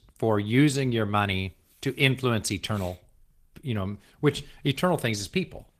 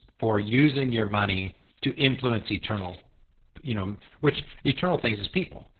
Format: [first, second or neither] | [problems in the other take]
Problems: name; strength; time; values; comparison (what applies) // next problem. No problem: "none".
first | garbled, watery; badly; nothing above 4 kHz; slightly in the first